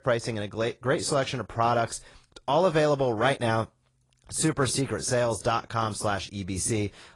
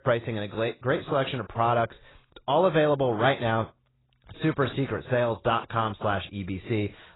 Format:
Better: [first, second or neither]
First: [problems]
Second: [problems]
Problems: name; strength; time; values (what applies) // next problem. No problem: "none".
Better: first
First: garbled, watery; slightly; nothing above 10.5 kHz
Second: garbled, watery; badly; nothing above 4 kHz